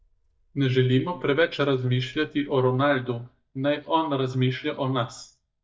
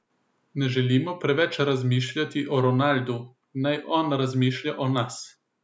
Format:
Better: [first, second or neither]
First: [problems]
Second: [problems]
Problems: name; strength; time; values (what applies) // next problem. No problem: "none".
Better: second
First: noise reduction (neural mask model DeepFilterNet 3)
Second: none